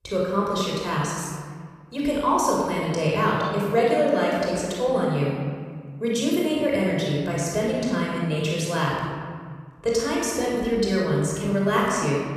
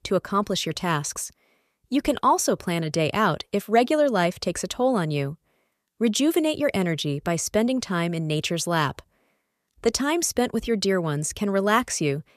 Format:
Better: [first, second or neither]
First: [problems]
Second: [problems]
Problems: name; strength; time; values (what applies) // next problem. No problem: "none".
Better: second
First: off-mic speech; far // room echo; strong; dies away in 1.8 s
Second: none